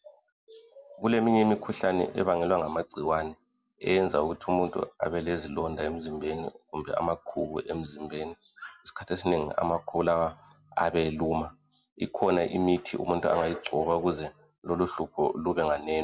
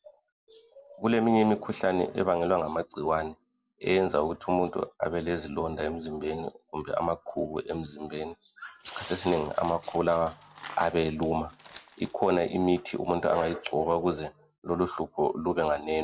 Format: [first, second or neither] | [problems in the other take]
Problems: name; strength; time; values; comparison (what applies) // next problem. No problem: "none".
first | noise reduction (neural separator model SepFormer DNS4)